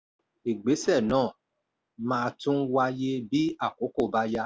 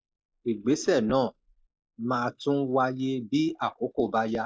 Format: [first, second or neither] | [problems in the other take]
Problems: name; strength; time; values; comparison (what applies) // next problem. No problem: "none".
first | noise reduction (neural mask model Resemble Enhance denoiser)